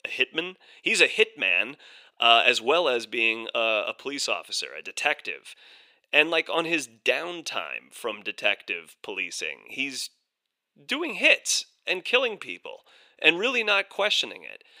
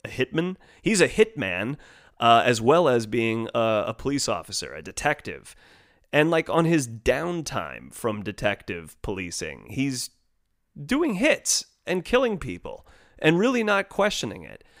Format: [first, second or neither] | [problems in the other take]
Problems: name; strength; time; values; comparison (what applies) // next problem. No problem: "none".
second | thin; somewhat; fading below 450 Hz